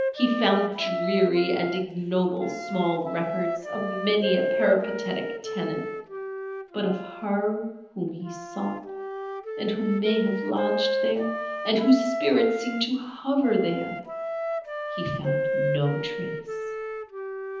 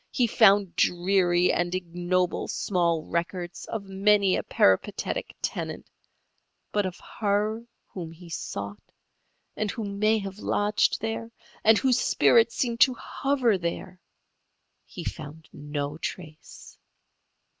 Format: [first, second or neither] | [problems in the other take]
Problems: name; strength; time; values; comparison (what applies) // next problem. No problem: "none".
second | background sound (Wind instrument, woodwind instrument); 4 dB below the speech // room echo; dies away in 0.9 s